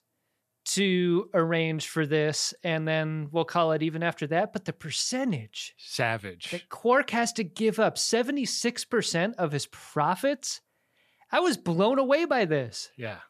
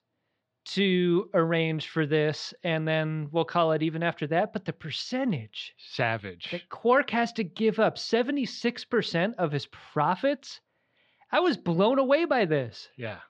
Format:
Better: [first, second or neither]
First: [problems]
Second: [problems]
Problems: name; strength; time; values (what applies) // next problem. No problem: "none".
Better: first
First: none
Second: muffled; slightly; fading above 4 kHz